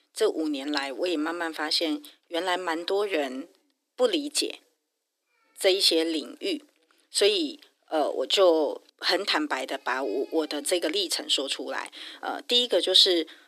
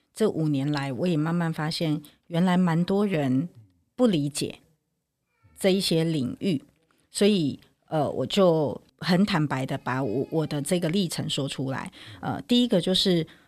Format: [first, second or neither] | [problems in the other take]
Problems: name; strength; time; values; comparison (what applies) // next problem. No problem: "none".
second | thin; very; fading below 300 Hz